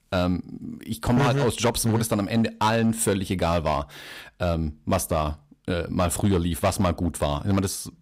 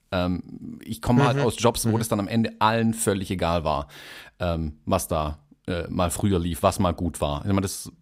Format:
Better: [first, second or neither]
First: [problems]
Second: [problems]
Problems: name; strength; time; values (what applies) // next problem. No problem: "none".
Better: second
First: distortion; slight; 5% of the sound clipped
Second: none